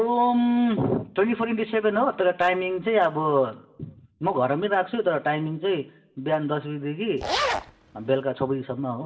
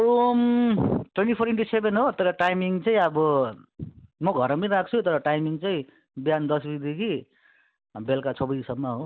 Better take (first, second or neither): second